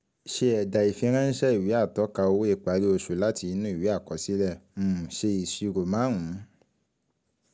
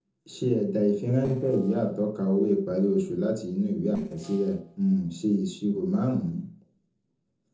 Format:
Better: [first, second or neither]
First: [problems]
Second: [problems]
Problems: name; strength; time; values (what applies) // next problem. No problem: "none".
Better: first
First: none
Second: noise reduction (neural separator model SepFormer DNS4)